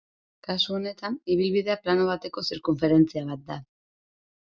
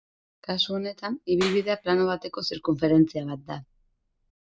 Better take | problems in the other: first | background sound (Clapping); 17 dB below the speech

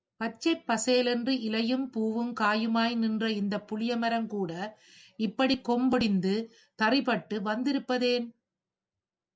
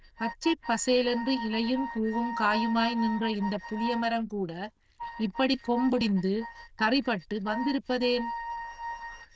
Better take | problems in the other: first | noise reduction (neural diffusion model UNIVERSE++)

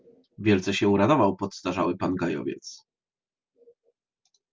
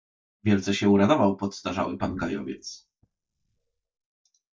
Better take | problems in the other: first | noise reduction (neural mask model DeepFilterNet 3)

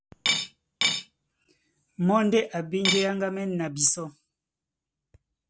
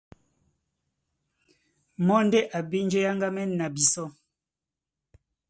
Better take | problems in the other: second | background sound (Cutlery, silverware / Dishes, pots, and pans); as loud as the speech

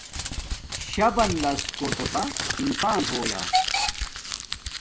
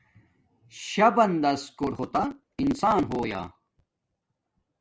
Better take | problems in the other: second | background sound (Crumpling, crinkling + Hiss / Alarm / Train); 1 dB below the speech

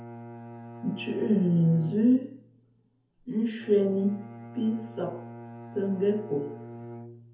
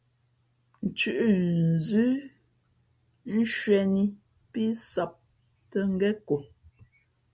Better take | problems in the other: second | background sound (Bowed string instrument); 15 dB below the speech // room echo; dies away in 0.5 s

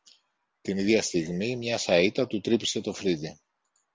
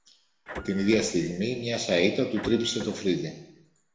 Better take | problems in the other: first | background sound (Printer); 14 dB below the speech // room echo; dies away in 0.8 s

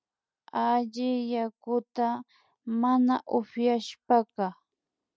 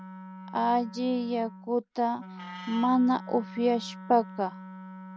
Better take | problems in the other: first | background sound (Wind instrument, woodwind instrument); 14 dB below the speech

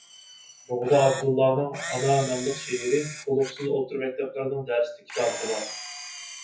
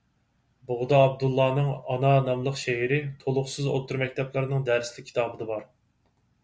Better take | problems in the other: second | noise reduction (classical method WPE with log-MMSE)

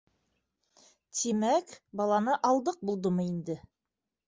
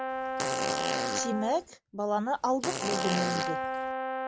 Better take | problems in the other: first | background sound (Fart + Brass instrument); 1 dB above the speech

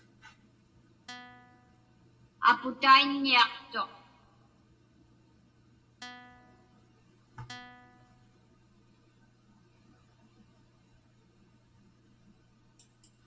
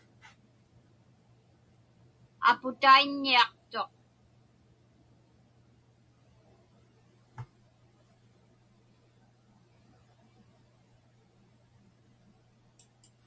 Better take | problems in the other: second | background sound (Guitar); 18 dB below the speech // room echo; dies away in 1.3 s

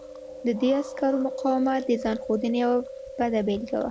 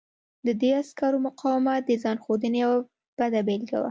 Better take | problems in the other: second | background sound (Chewing, mastication); 11 dB below the speech

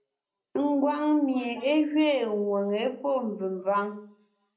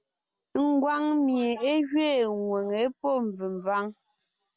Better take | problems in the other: second | room echo; dies away in 0.5 s

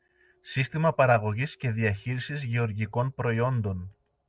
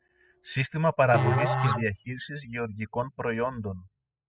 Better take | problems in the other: first | noise reduction (classical method spectral subtraction)

